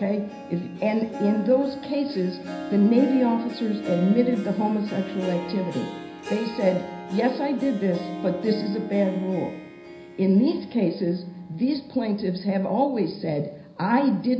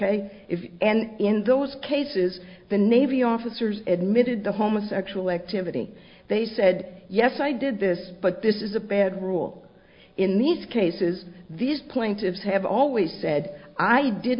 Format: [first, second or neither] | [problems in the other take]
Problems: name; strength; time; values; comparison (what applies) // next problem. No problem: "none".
second | background sound (Harp); 13 dB below the speech // room echo; dies away in 0.5 s